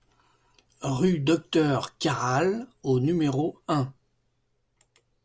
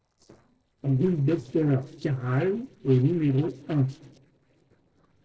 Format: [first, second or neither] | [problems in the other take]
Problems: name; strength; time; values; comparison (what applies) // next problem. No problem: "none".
first | noise reduction (neural separator model SepFormer DNS4)